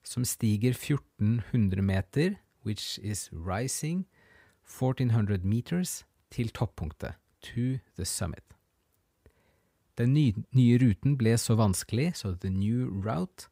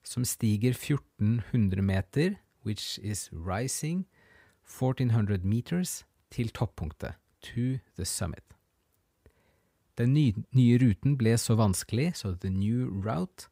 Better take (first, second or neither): neither